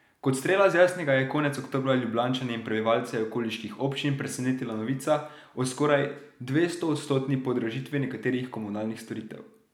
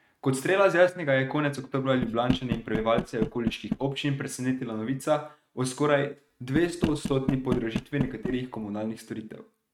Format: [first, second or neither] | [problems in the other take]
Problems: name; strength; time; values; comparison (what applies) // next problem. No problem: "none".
first | noise reduction (neural mask model RNNoise)